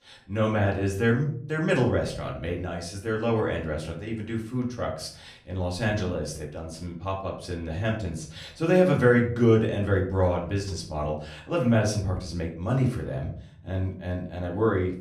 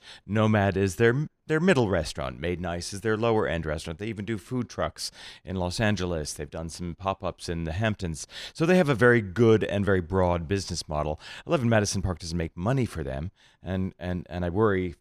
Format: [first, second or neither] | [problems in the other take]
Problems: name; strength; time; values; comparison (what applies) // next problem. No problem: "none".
second | off-mic speech; far // room echo; slight; dies away in 0.5 s